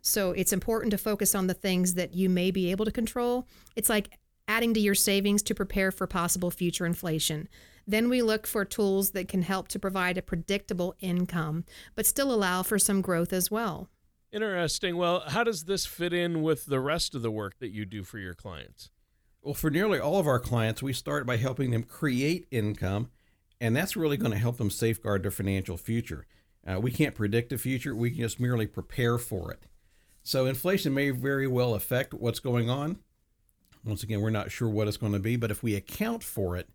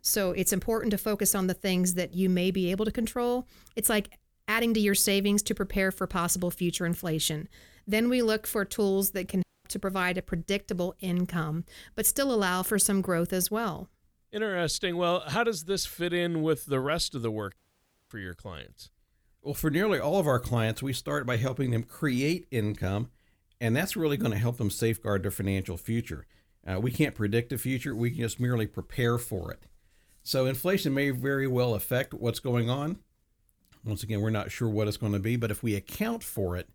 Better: first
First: none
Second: audio cutting out; at 9.5 s and at 18 s for 0.5 s

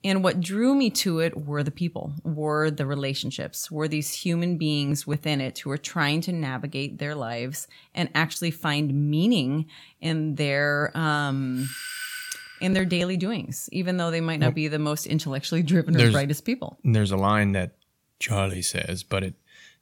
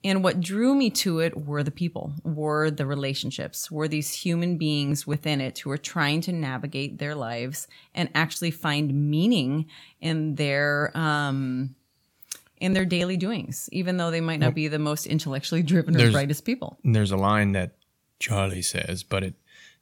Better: second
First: doorbell; noticeable; from 12 to 13 s; peak 7 dB below the speech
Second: none

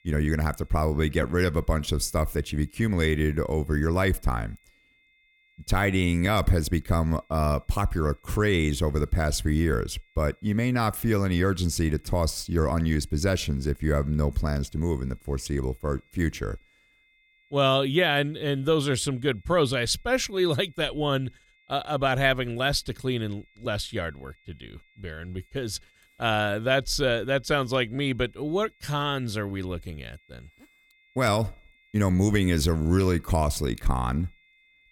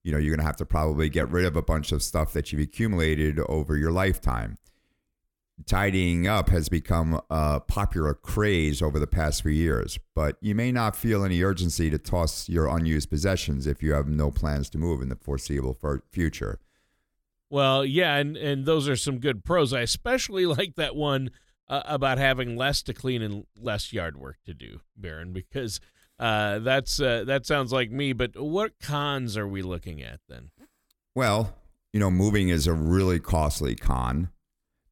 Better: second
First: high-pitched whine; faint; throughout; 2 kHz, 35 dB below the speech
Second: none

